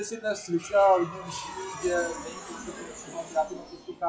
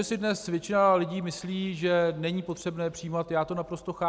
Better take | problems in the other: second | noise reduction (classical method WPE with log-MMSE)

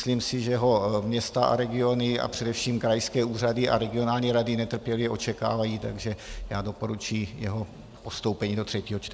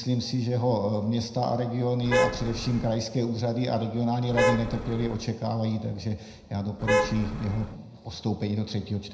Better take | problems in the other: first | background sound (Traffic noise, roadway noise / Vehicle horn, car horn, honking); as loud as the speech // room echo; dies away in 0.8 s

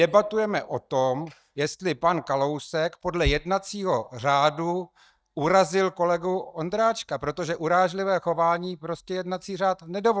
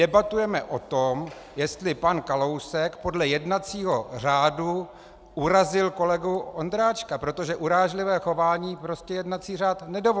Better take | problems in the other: second | noise reduction (neural mask model DeepFilterNet 3)

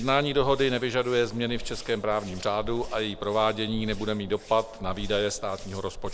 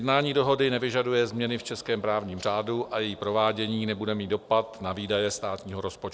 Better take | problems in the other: second | background sound (Hands); 11 dB below the speech

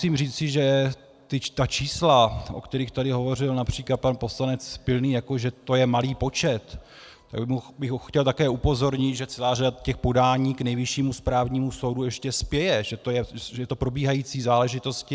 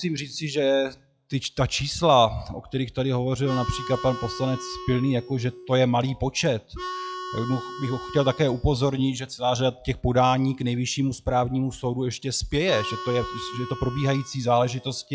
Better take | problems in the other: first | noise reduction (classical method log-MMSE)

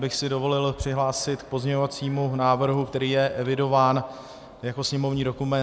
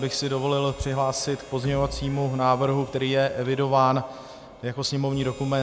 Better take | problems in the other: first | background sound (Door / Wood + Harmonica); 18 dB below the speech

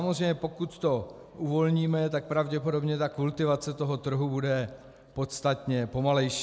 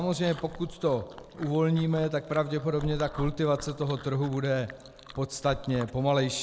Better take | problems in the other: first | background sound (Chewing, mastication); 15 dB below the speech

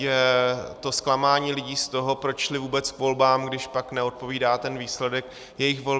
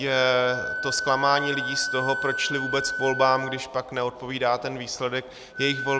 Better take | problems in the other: first | background sound (Wind instrument, woodwind instrument); 6 dB below the speech

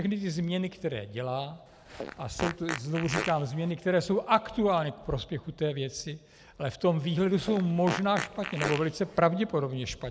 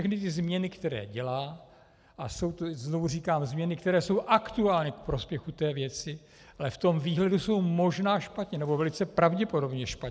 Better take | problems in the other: second | background sound (Fart); 8 dB below the speech

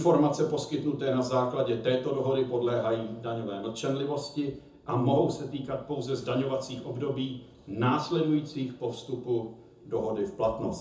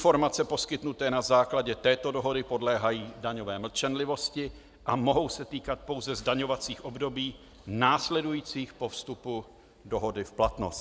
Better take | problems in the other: second | room echo; dies away in 0.5 s

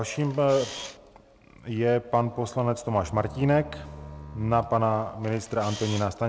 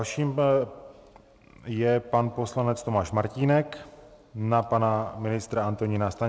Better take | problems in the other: second | background sound (Camera + Bowed string instrument); 15 dB below the speech

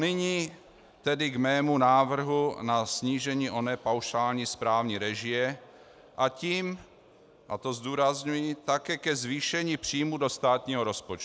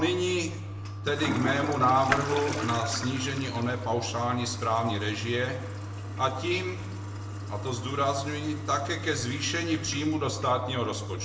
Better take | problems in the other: first | background sound (Toilet flush); 5 dB below the speech // room echo; dies away in 0.7 s

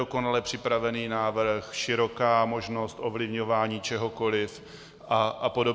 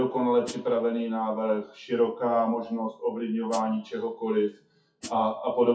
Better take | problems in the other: first | noise reduction (classical method WPE with log-MMSE)

